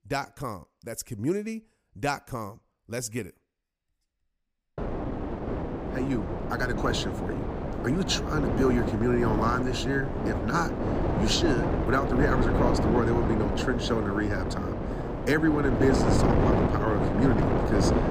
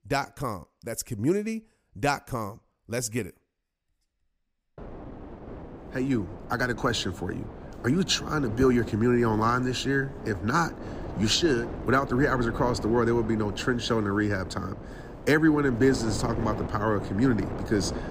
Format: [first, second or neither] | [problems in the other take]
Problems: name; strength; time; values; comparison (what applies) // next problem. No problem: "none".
second | wind noise on the microphone; heavy; from 5 s on; 1 dB below the speech; occasional gusts in the second